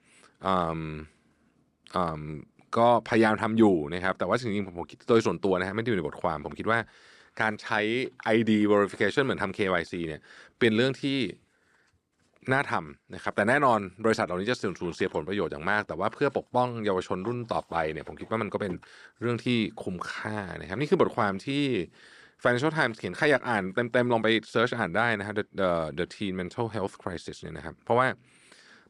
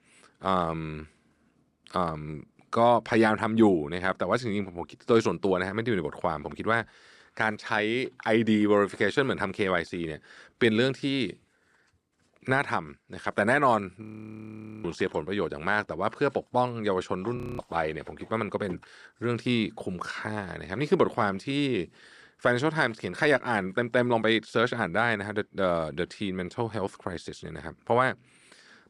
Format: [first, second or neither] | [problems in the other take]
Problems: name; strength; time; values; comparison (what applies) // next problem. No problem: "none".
first | audio freezing; at 14 s for 1 s and at 17 s